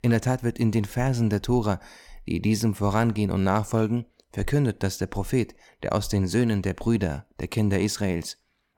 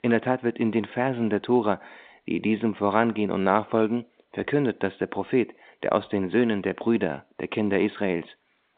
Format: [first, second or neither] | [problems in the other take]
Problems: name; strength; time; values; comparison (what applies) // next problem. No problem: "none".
first | phone-call audio; nothing above 4 kHz